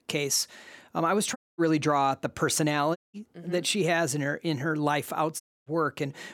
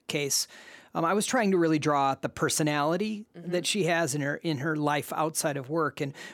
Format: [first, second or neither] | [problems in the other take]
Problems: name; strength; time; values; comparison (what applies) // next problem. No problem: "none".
second | audio cutting out; at 1.5 s, at 3 s and at 5.5 s